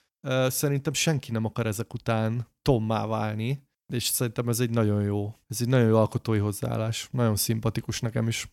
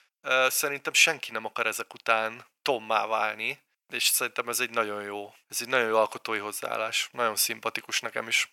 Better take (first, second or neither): first